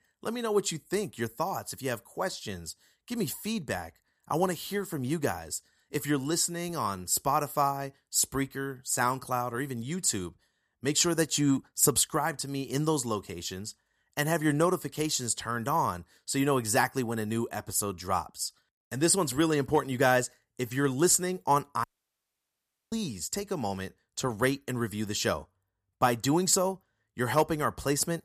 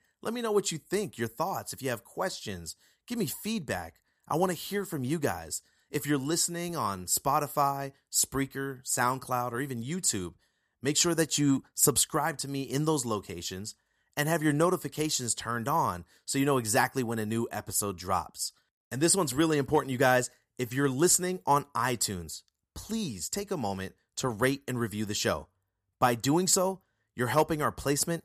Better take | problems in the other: second | audio cutting out; at 22 s for 1 s

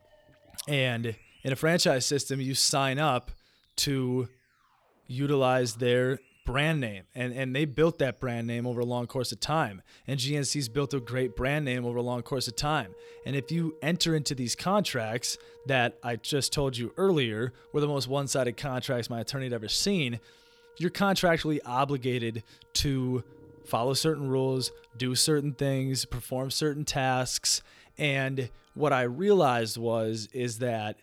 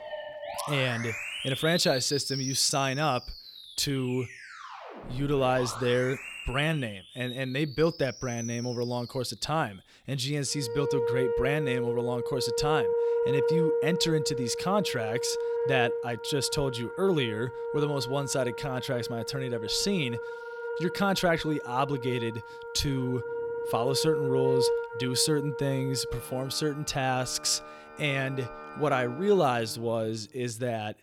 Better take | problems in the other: first | background music; loud; throughout; 4 dB below the speech; faint in the first

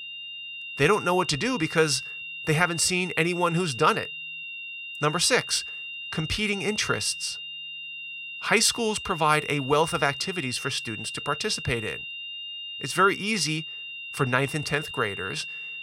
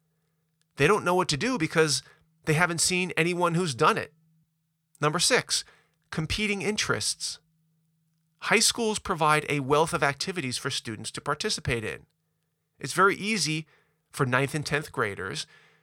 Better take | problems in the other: second | high-pitched whine; loud; throughout; 3 kHz, 9 dB below the speech

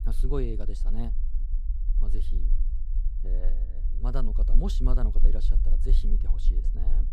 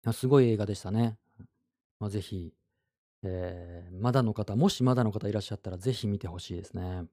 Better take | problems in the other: second | low rumble; noticeable; throughout; 10 dB below the speech

